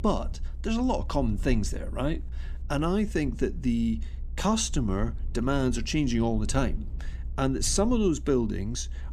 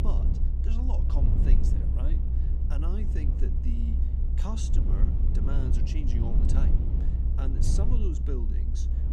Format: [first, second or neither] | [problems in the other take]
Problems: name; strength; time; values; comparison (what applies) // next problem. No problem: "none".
first | low rumble; loud; throughout; as loud as the speech; faint in the first